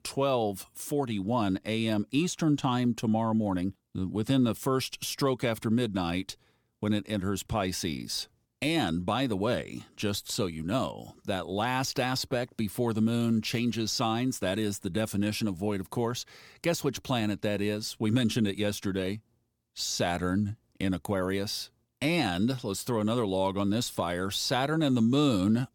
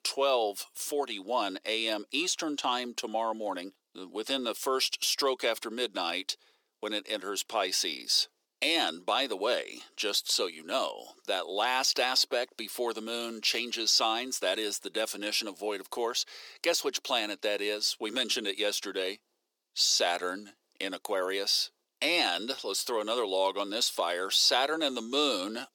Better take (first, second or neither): first